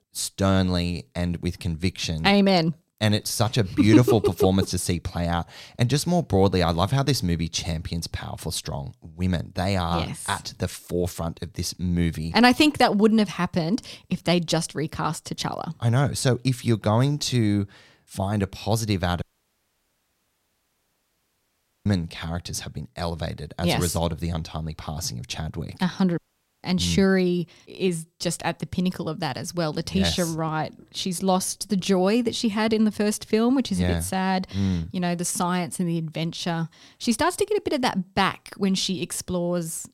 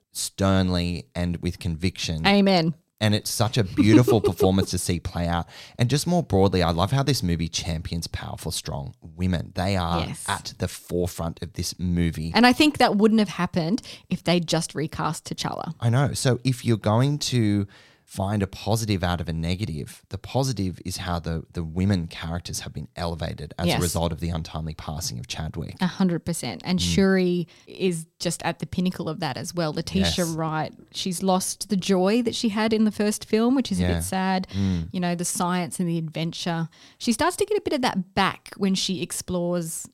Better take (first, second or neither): second